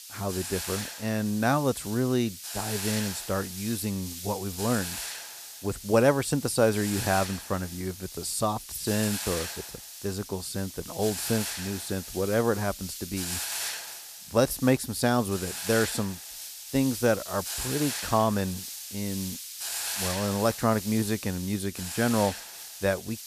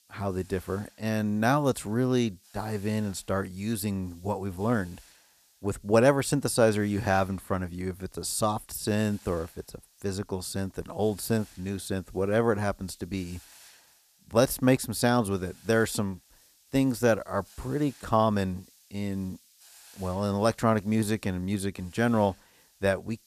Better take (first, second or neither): second